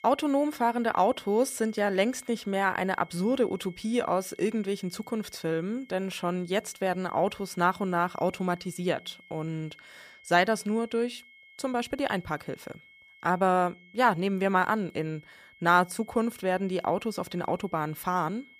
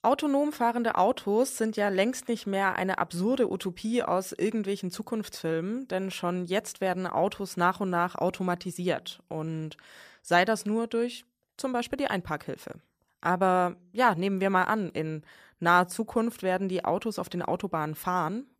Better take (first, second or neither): second